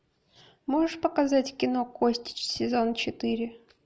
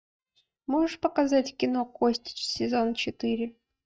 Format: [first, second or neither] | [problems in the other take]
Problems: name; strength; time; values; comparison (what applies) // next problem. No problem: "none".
first | noise reduction (neural mask model DeepFilterNet 3)